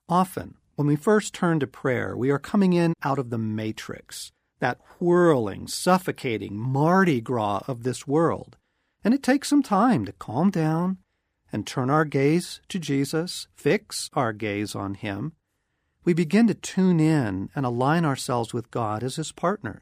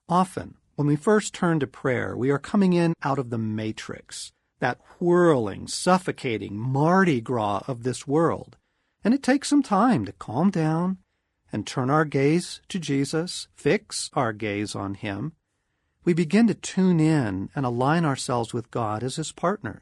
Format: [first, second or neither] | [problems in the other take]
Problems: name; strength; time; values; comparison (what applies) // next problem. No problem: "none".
first | garbled, watery; slightly; nothing above 10 kHz